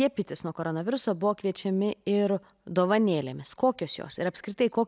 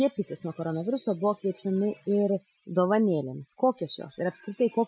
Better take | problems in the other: first | noise reduction (classical method Wiener filter)

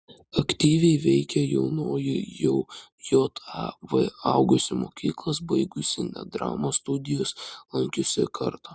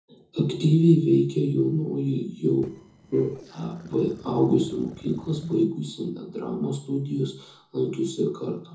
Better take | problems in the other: first | noise reduction (neural separator model SepFormer DNS4)

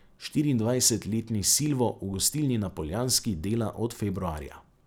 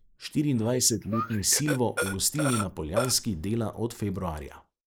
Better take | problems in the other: first | noise reduction (neural mask model Resemble Enhance denoiser)

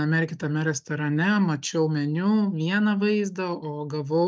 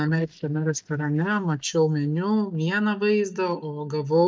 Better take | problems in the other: first | noise reduction (neural mask model DeepFilterNet 3)

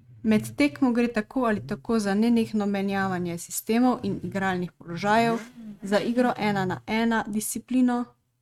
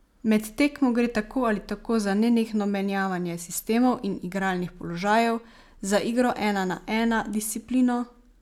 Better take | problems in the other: second | noise reduction (neural mask model RNNoise)

